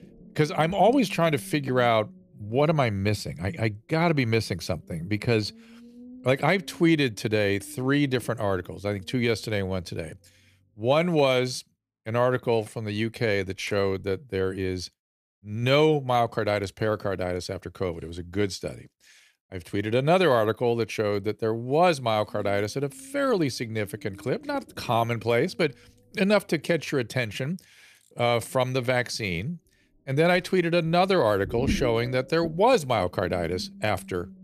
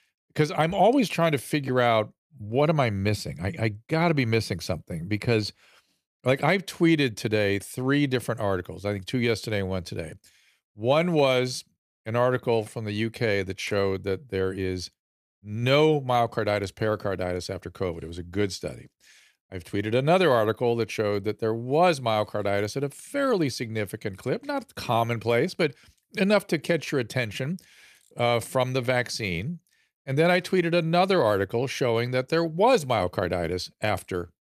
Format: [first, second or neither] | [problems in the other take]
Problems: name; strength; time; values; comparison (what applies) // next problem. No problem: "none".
second | low rumble; faint; until 14 s and from 22 s on; 25 dB below the speech